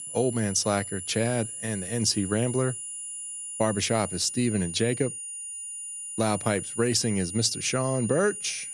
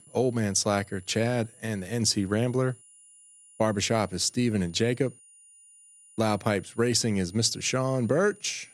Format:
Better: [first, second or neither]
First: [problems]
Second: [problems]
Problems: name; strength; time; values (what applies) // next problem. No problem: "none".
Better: second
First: high-pitched whine; loud; throughout; 9.5 kHz, 7 dB below the speech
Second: high-pitched whine; faint; throughout; 9.5 kHz, 25 dB below the speech